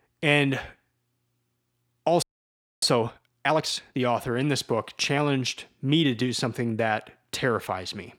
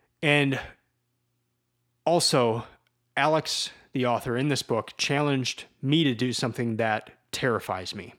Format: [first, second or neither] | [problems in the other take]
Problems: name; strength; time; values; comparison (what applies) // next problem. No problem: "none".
second | audio freezing; at 2 s for 0.5 s